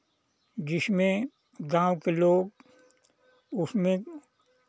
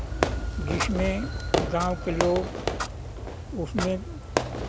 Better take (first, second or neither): first